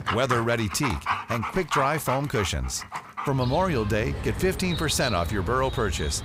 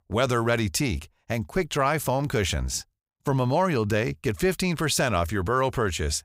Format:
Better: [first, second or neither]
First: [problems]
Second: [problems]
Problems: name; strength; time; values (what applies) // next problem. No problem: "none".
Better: second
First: animal sounds; loud; throughout; 6 dB below the speech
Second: none